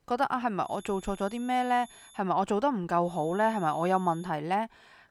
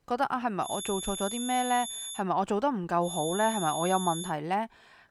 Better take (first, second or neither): first